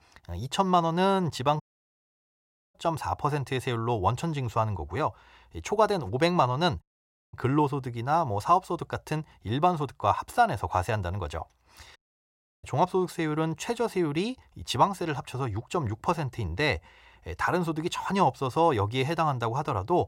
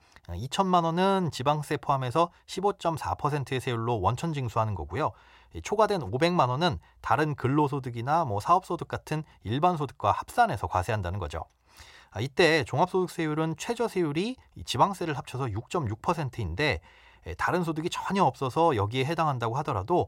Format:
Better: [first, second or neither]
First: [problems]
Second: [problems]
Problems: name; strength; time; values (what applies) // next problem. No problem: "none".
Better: second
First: audio cutting out; at 1.5 s for 1 s, at 7 s for 0.5 s and at 12 s for 0.5 s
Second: none